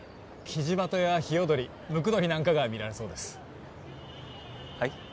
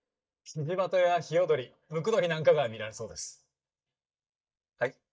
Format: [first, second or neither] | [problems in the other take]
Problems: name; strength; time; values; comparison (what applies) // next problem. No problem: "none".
first | noise reduction (neural mask model DeepFilterNet 3)